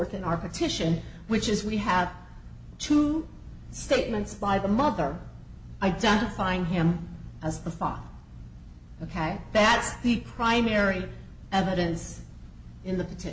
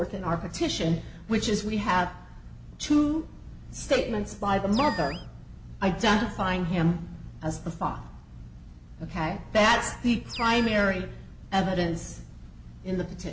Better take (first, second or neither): first